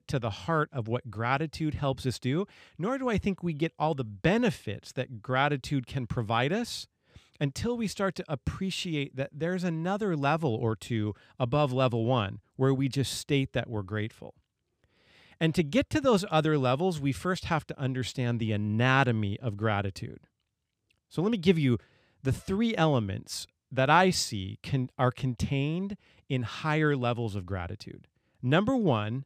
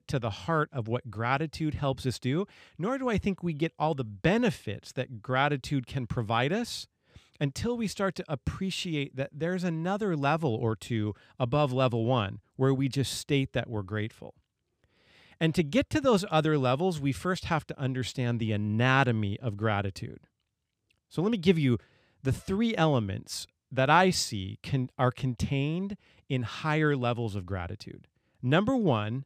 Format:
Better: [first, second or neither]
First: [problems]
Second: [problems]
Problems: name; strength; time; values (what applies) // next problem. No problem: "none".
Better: neither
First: none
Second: none